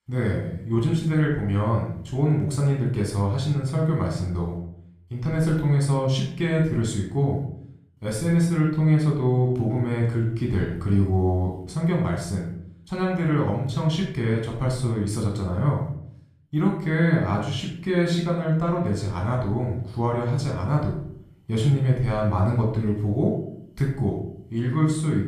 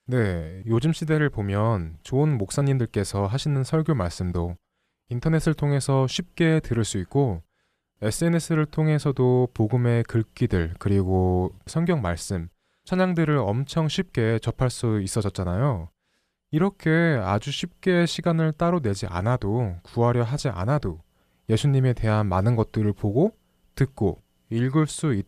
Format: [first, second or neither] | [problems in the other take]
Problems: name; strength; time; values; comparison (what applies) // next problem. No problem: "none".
second | off-mic speech; somewhat distant // room echo; noticeable; dies away in 0.5 s